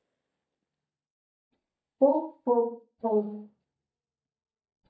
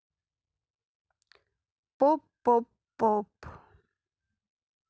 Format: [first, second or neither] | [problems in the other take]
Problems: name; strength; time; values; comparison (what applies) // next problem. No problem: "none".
second | noise reduction (neural mask model DeepFilterNet 3)